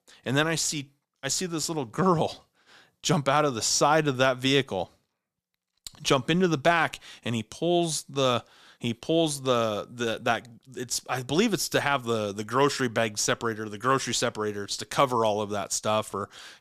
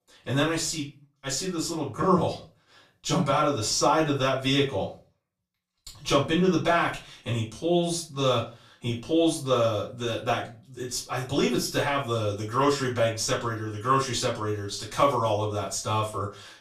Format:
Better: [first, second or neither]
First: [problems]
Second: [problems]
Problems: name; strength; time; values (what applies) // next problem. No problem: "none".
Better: first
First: none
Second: off-mic speech; far // room echo; slight; dies away in 0.3 s